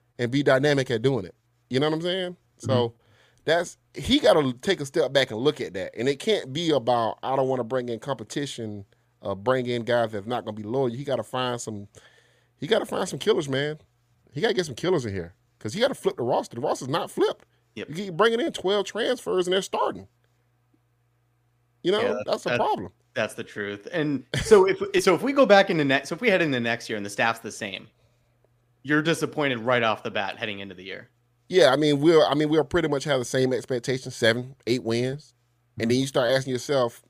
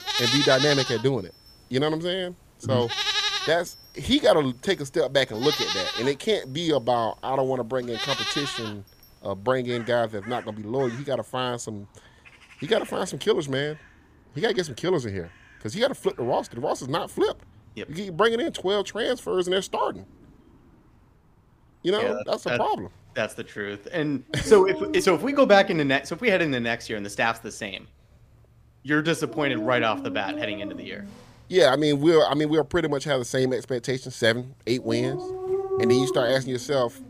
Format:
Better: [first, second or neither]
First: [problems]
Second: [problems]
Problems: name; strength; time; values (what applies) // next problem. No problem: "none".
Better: first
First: none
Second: animal sounds; loud; throughout; 4 dB below the speech